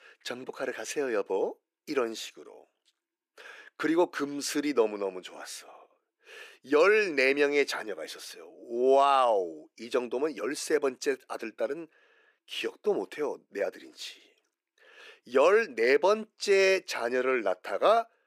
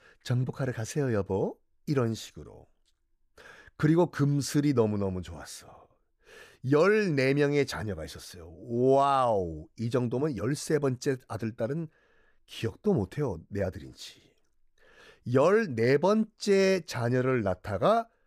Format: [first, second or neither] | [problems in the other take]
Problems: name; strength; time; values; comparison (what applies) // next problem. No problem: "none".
second | thin; somewhat; fading below 300 Hz